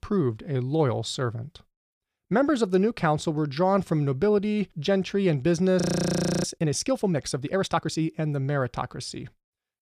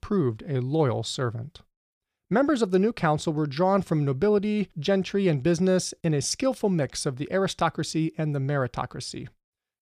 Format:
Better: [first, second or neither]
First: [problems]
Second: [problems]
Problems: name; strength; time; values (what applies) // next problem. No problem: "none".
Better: second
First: audio freezing; at 6 s for 0.5 s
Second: none